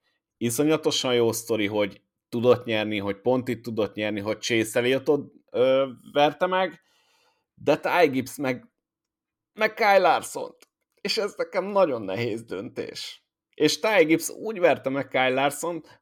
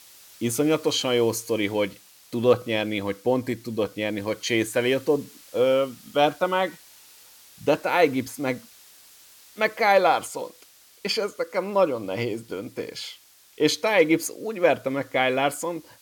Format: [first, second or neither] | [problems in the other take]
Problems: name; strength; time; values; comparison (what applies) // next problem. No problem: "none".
first | hiss; faint; throughout; 25 dB below the speech